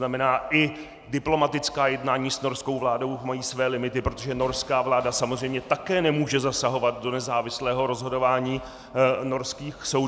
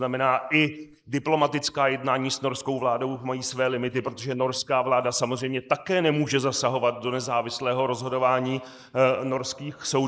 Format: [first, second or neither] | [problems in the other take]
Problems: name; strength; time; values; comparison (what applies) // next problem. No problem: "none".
first | noise reduction (neural mask model Resemble Enhance denoiser)